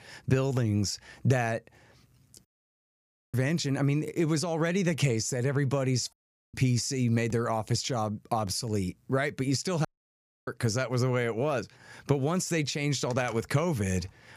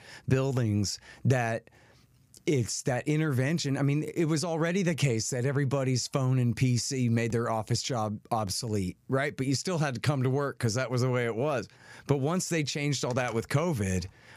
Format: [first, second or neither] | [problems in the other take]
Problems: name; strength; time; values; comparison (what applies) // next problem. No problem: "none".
second | audio cutting out; at 2.5 s for 1 s, at 6 s and at 10 s for 0.5 s